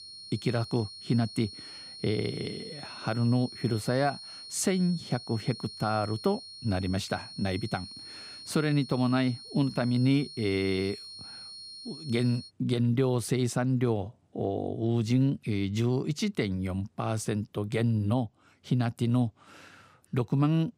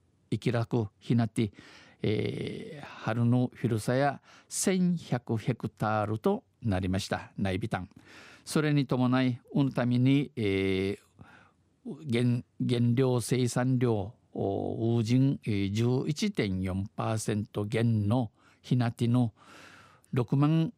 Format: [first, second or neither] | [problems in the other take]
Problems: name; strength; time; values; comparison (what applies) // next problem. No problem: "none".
second | high-pitched whine; noticeable; until 12 s; 4.5 kHz, 15 dB below the speech